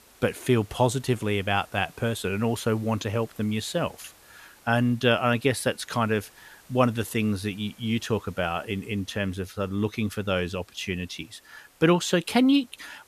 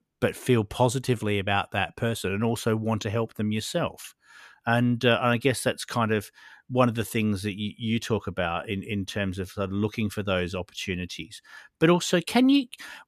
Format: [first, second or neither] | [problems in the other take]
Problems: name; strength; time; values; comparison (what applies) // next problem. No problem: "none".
second | hiss; faint; throughout; 25 dB below the speech